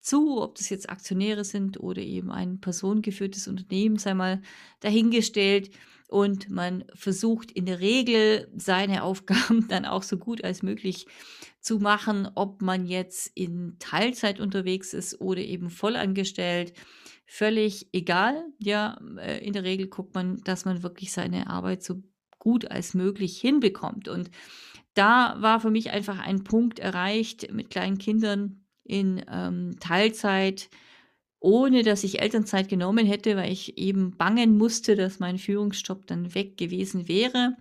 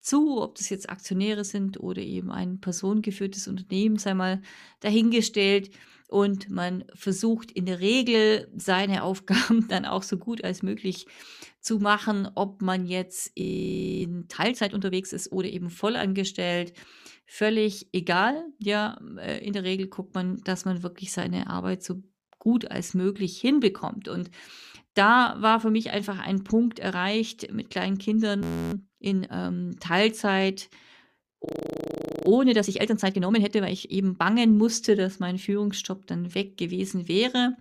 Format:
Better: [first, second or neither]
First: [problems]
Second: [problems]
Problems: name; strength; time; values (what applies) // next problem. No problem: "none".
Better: first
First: none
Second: audio freezing; at 13 s for 0.5 s, at 28 s and at 31 s for 1 s